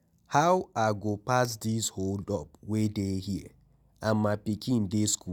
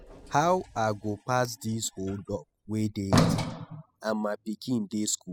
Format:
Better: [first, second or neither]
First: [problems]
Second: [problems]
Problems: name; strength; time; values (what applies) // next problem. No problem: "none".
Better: first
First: none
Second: noise reduction (classical method spectral subtraction)